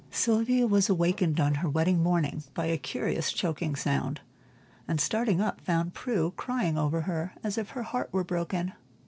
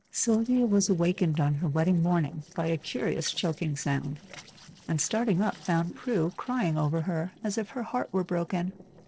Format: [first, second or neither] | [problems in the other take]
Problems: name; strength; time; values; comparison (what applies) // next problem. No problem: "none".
first | noise reduction (neural separator model SepFormer DNS4)